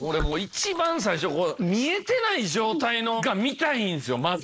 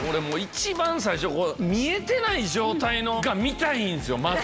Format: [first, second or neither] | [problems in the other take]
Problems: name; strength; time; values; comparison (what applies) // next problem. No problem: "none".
second | noise reduction (neural mask model Resemble Enhance denoiser)